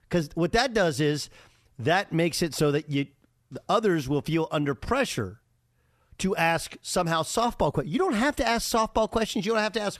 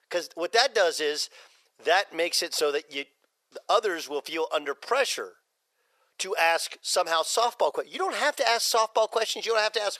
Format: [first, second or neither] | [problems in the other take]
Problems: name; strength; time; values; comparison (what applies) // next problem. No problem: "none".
first | thin; very; fading below 500 Hz